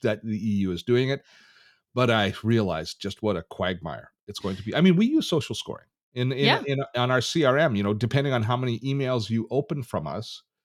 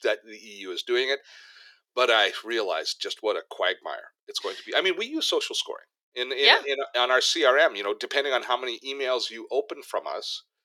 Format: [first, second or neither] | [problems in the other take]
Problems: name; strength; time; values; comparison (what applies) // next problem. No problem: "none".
first | thin; very; fading below 400 Hz